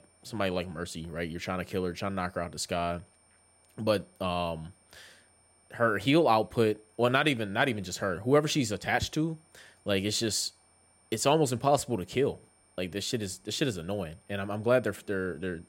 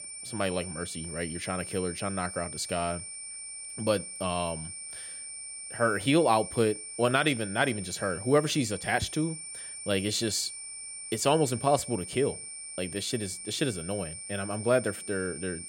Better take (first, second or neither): first